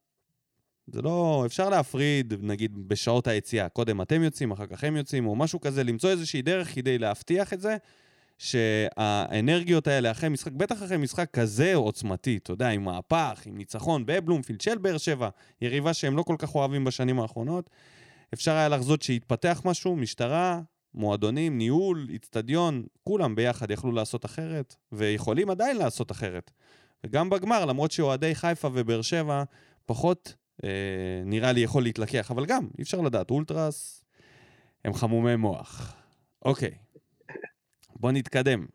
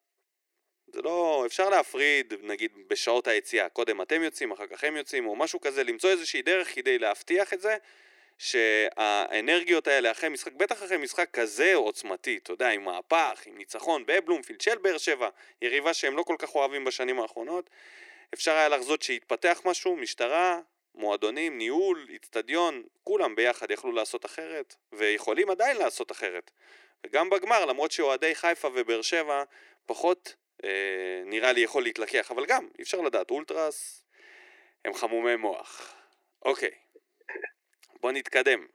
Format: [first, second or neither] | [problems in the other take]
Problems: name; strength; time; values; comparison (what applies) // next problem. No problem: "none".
first | thin; very; fading below 350 Hz